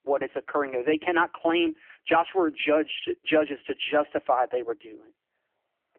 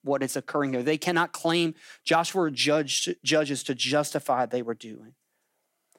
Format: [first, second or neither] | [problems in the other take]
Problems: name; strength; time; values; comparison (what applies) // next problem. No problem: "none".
second | phone-call audio; poor line; nothing above 3 kHz